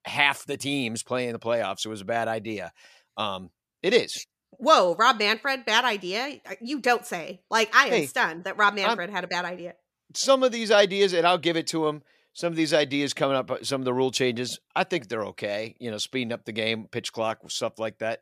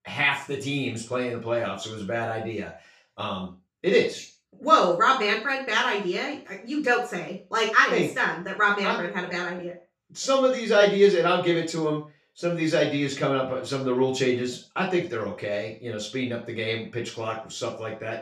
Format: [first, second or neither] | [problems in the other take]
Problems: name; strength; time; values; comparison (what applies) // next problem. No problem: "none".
first | room echo; noticeable; dies away in 0.3 s // off-mic speech; far